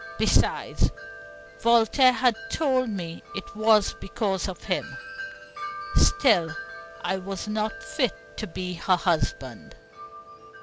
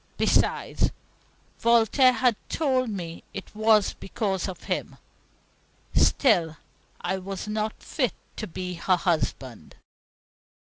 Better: second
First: background sound (Wind chime); 16 dB below the speech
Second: none

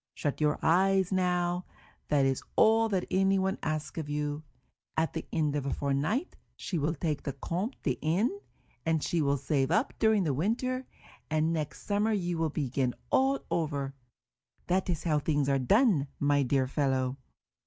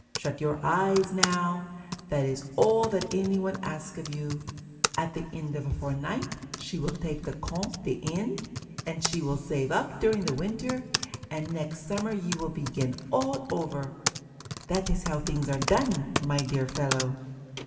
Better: first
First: none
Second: background sound (Typing); 8 dB below the speech // room echo; dies away in 2.6 s

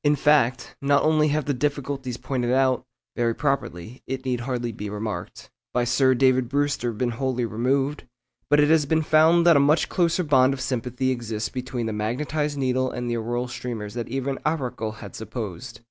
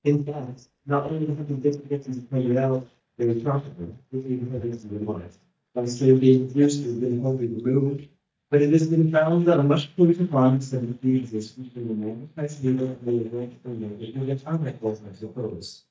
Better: first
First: none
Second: noise reduction (neural mask model DeepFilterNet 3)

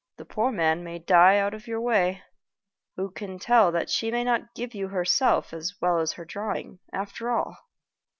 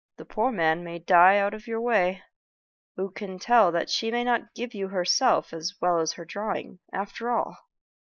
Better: first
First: none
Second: noise reduction (neural mask model Resemble Enhance denoiser)

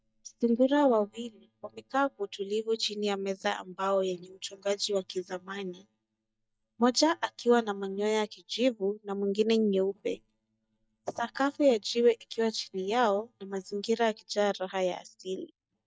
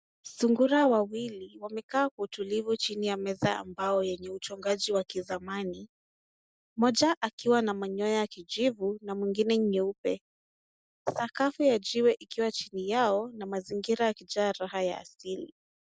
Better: second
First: noise reduction (neural mask model DeepFilterNet 3)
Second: none

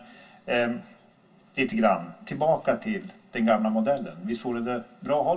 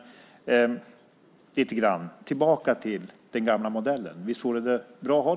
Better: second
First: room echo; dies away in 0.1 s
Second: none

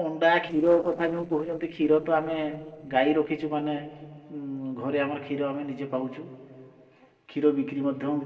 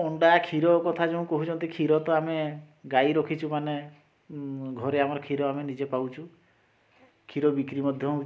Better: second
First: noise reduction (neural separator model SepFormer DNS4)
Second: none

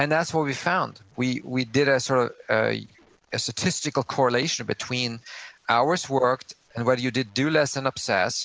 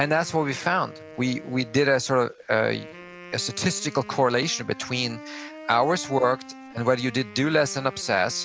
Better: first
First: none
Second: background sound (Wind instrument, woodwind instrument); 18 dB below the speech

